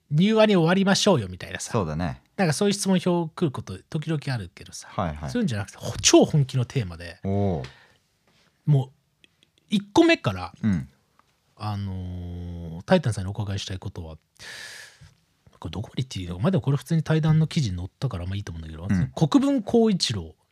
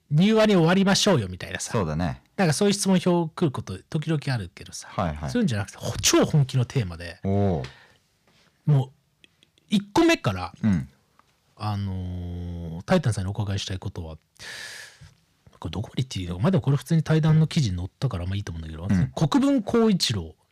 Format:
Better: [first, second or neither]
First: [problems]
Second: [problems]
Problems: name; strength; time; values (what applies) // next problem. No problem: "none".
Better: first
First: none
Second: distortion; slight; 4% of the sound clipped